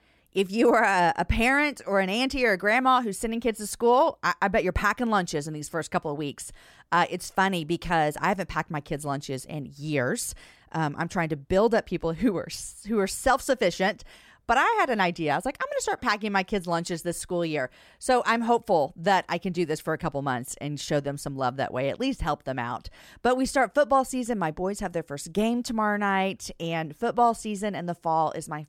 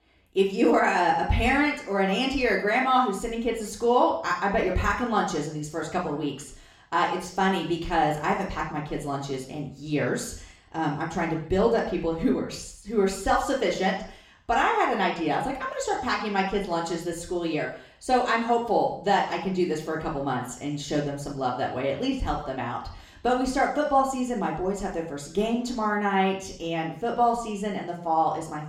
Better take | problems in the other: first | room echo; noticeable; dies away in 0.6 s // off-mic speech; far

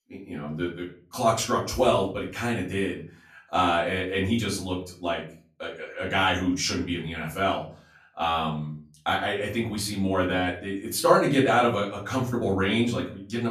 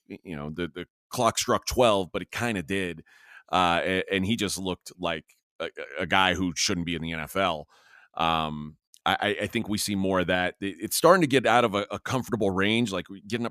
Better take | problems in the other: second | off-mic speech; far // room echo; slight; dies away in 0.4 s

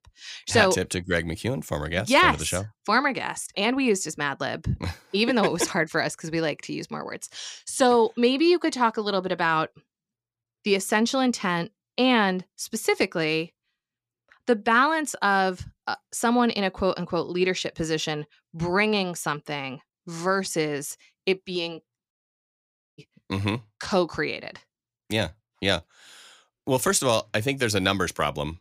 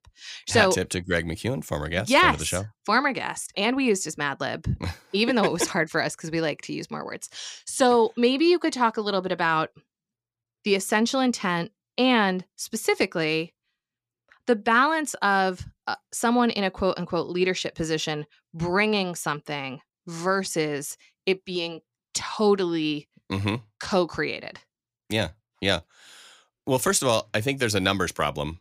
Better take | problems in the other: second | audio cutting out; at 22 s for 1 s

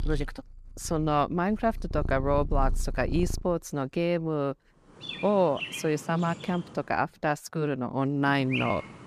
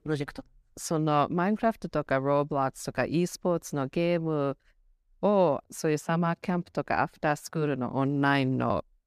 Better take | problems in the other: second | animal sounds; loud; throughout; 9 dB below the speech

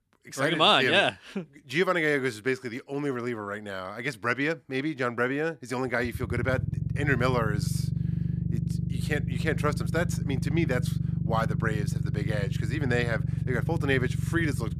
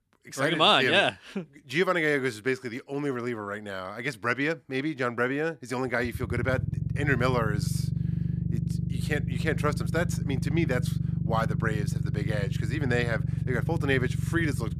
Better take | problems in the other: neither | low rumble; noticeable; throughout; 15 dB below the speech; the same in both

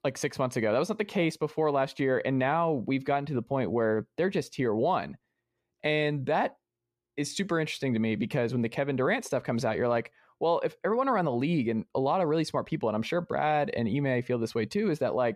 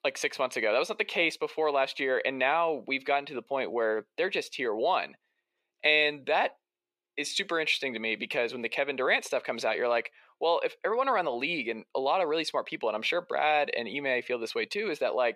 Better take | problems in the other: first | thin; somewhat; fading below 500 Hz

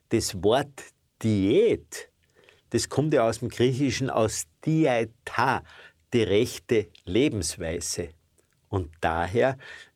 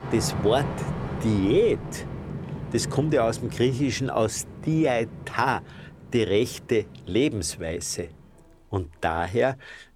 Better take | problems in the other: first | train or aircraft noise; loud; throughout; 10 dB below the speech

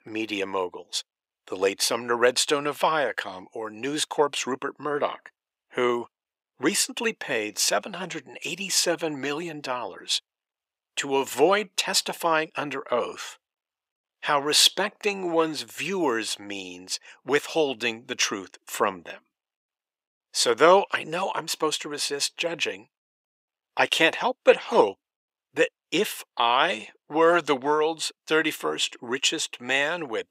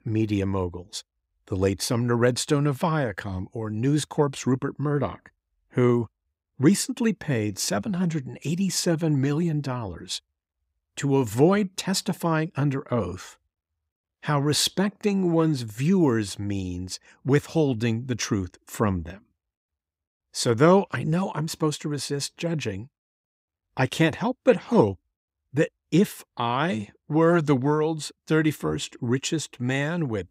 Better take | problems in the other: second | thin; very; fading below 600 Hz

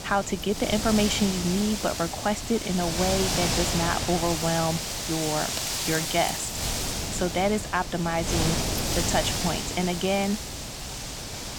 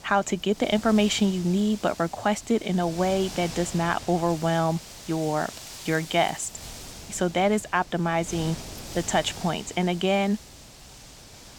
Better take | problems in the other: second | wind noise on the microphone; heavy; 1 dB below the speech; occasional gusts in the second

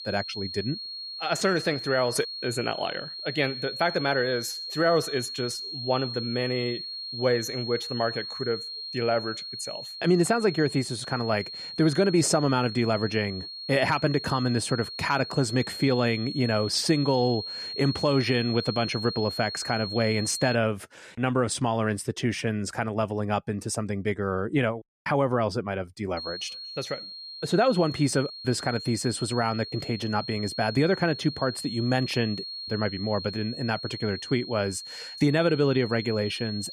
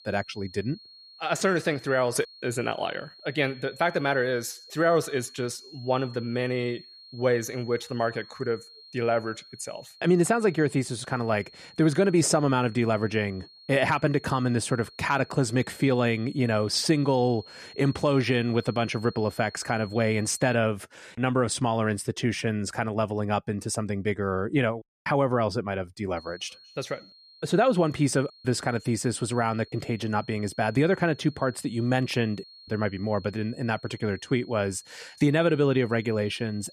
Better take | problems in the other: second | high-pitched whine; loud; until 21 s and from 26 s on; 4.5 kHz, 8 dB below the speech; faint in the second

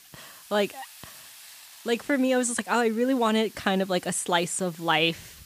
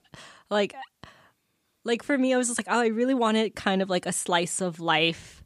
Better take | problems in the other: second | hiss; faint; throughout; 20 dB below the speech

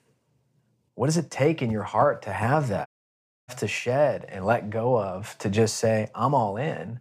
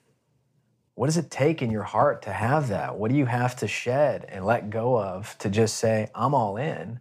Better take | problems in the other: second | audio cutting out; at 3 s for 0.5 s

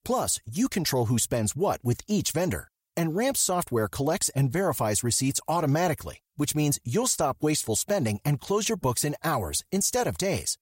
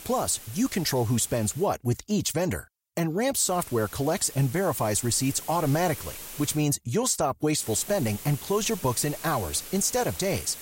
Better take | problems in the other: first | hiss; noticeable; until 1.5 s, from 3.5 to 6.5 s and from 7.5 s on; 15 dB below the speech

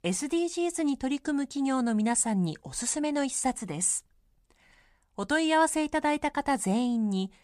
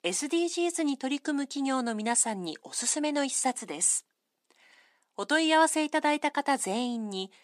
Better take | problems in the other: first | thin; very slightly; fading below 250 Hz

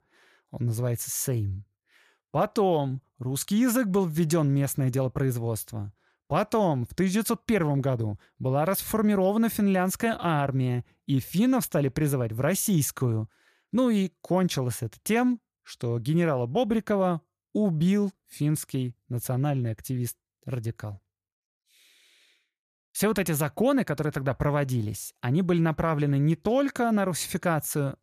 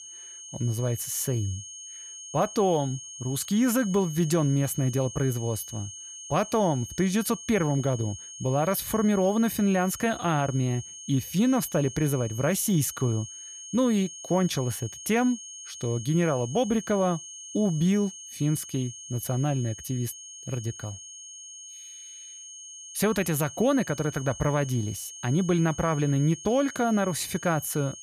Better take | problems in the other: first | high-pitched whine; noticeable; throughout; 6.5 kHz, 15 dB below the speech

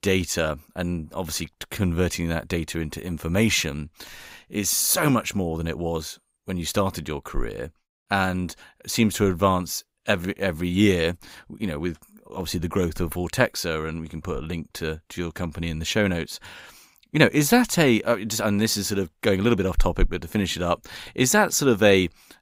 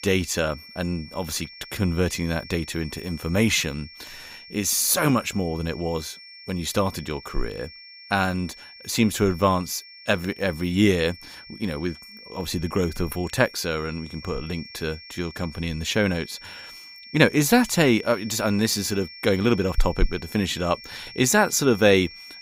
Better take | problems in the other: first | high-pitched whine; noticeable; throughout; 5.5 kHz, 15 dB below the speech

